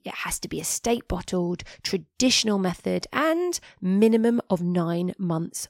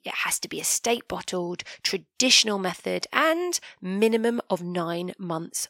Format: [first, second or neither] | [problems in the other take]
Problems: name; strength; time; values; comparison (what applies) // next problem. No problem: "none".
first | thin; very slightly; fading below 550 Hz